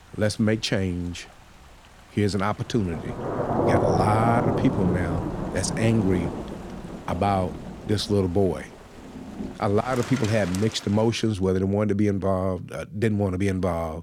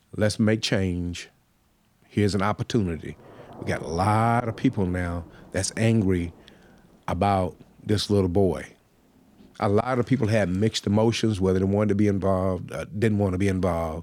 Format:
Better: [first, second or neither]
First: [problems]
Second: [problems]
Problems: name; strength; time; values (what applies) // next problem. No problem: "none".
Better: second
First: rain or running water; loud; until 11 s; 4 dB below the speech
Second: rain or running water; faint; until 11 s; 25 dB below the speech